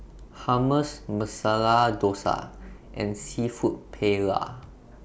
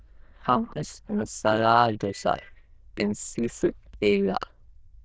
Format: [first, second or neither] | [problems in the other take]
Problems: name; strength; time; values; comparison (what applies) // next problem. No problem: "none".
first | noise reduction (neural diffusion model UNIVERSE++)